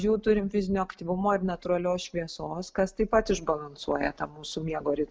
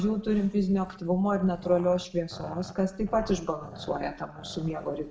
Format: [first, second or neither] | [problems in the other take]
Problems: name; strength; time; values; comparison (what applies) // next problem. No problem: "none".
first | background sound (Growling); 18 dB below the speech // room echo; dies away in 0.8 s